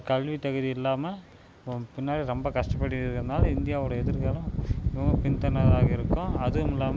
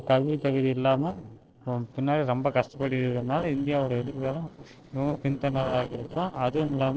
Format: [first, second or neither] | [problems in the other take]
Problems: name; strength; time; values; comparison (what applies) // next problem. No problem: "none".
first | noise reduction (neural separator model SepFormer DNS4)